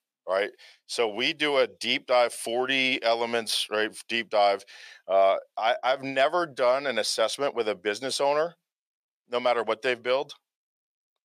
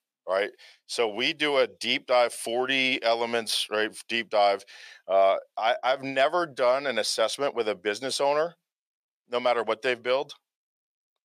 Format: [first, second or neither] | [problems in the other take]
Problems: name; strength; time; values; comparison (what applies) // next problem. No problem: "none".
neither | thin; somewhat; fading below 400 Hz; the same in both